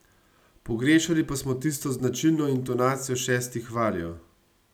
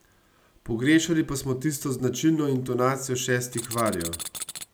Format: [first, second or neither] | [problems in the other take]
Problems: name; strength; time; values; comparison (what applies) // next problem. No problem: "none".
first | background sound (Tools); 10 dB below the speech